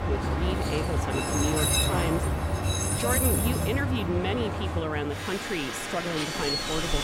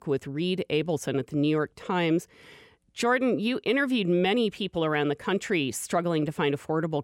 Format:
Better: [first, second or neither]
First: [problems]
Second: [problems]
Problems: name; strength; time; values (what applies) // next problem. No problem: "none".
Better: second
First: train or aircraft noise; very loud; throughout; 4 dB above the speech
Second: none